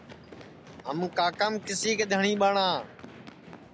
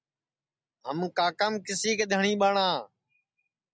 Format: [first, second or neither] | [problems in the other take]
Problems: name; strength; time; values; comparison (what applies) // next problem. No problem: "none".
second | background sound (Run); 17 dB below the speech